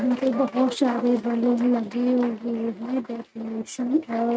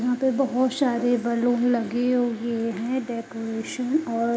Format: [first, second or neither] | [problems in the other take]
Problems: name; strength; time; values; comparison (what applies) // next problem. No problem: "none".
second | noise reduction (neural mask model RNNoise)